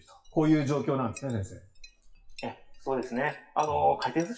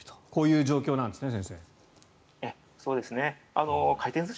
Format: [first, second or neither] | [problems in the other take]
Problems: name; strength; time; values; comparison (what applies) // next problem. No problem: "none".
second | noise reduction (classical method WPE with log-MMSE)